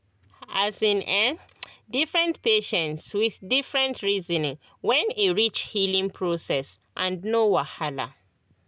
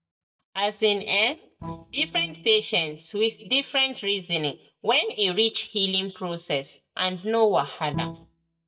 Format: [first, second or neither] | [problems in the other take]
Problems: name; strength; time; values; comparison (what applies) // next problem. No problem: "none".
first | noise reduction (neural mask model DeepFilterNet 3)